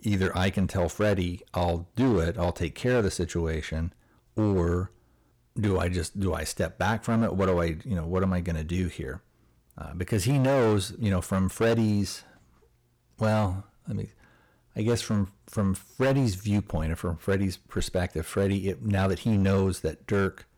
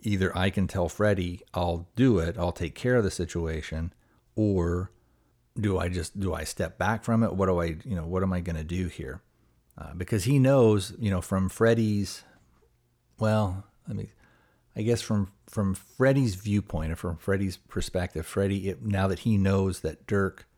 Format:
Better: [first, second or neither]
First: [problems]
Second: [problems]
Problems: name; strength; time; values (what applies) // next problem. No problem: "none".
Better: second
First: distortion; slight; 7% of the sound clipped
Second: none